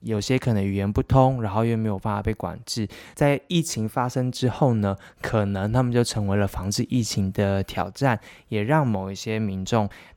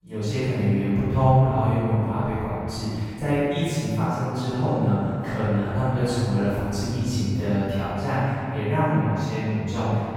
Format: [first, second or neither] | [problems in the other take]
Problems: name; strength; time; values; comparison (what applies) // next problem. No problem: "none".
first | off-mic speech; far // room echo; strong; dies away in 2.5 s